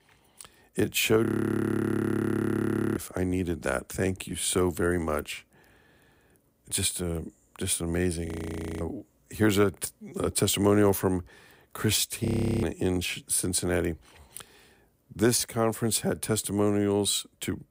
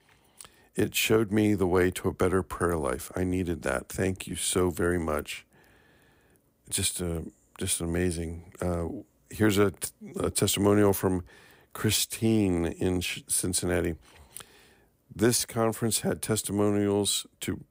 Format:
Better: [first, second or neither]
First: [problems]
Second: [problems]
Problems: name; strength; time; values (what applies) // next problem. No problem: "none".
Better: second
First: audio freezing; at 1.5 s for 1.5 s, at 8.5 s for 0.5 s and at 12 s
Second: none